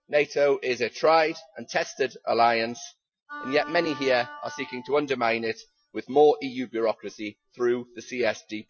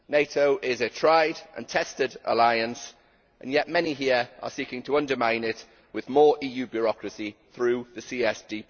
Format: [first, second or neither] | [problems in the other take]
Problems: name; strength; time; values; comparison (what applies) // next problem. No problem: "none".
second | noise reduction (classical method Wiener filter)